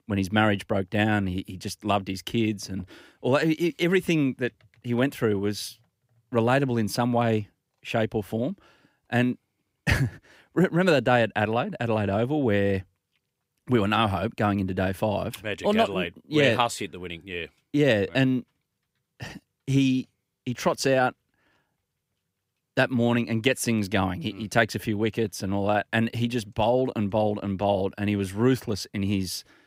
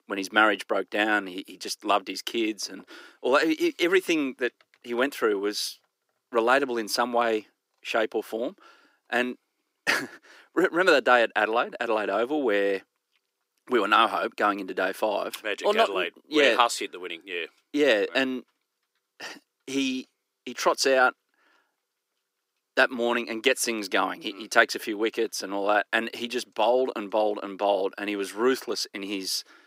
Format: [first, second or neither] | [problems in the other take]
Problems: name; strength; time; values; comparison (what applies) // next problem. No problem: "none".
first | thin; somewhat; fading below 350 Hz